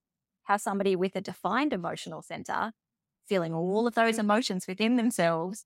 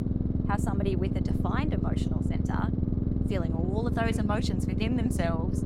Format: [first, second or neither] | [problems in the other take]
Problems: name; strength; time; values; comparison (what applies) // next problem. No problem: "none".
first | low rumble; loud; throughout; 3 dB below the speech